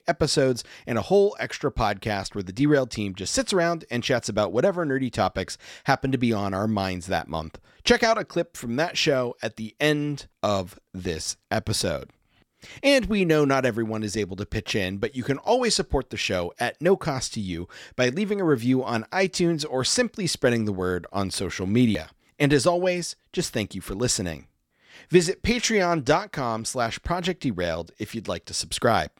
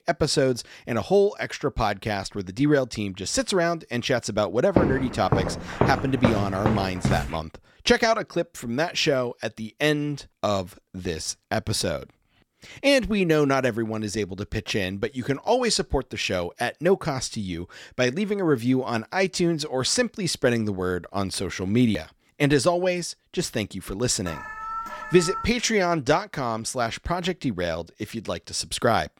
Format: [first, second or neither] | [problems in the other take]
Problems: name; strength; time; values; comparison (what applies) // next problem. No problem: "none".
first | footsteps; loud; from 5 to 7.5 s; peak 1 dB above the speech // alarm; noticeable; from 24 to 25 s; peak 7 dB below the speech